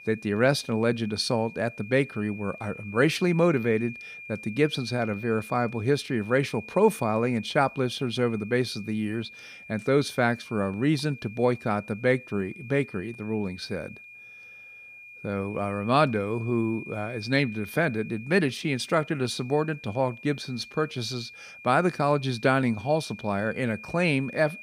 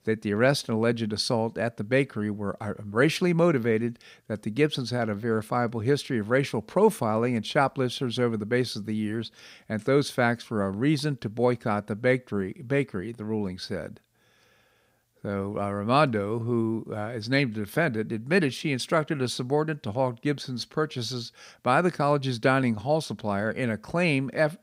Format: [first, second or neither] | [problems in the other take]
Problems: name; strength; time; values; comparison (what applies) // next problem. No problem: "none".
second | high-pitched whine; noticeable; throughout; 2.5 kHz, 15 dB below the speech